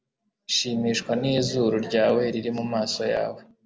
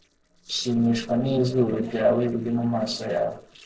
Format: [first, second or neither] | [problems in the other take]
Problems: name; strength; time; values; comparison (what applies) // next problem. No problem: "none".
first | noise reduction (neural separator model SepFormer DNS4)